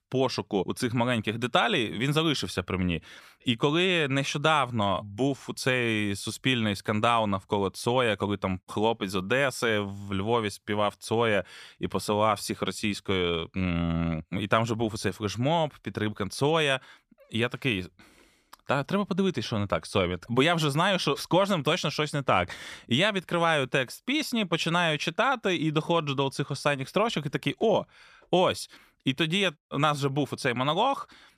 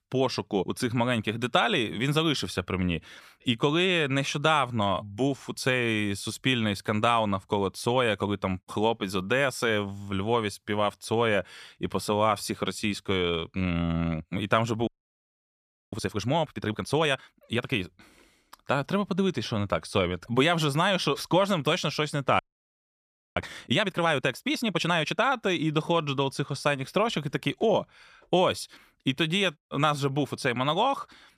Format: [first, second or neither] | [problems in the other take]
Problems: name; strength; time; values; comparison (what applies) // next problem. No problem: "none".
first | audio freezing; at 15 s for 1 s and at 22 s for 1 s